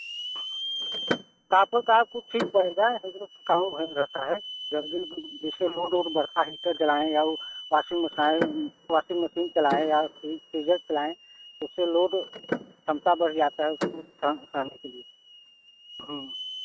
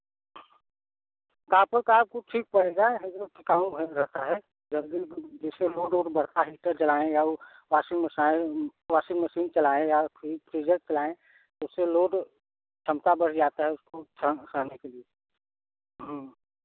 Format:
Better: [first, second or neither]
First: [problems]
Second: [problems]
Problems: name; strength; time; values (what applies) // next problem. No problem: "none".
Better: second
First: noise reduction (neural mask model RNNoise)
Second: none